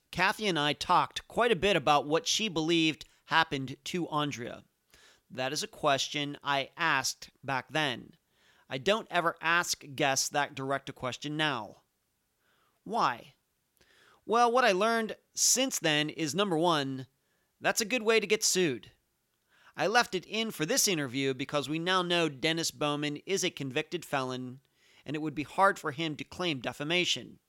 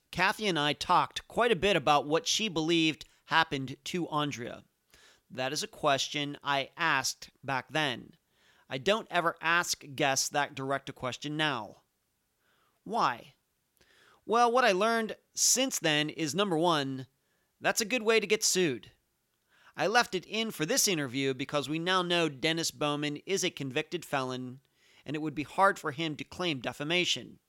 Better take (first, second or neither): neither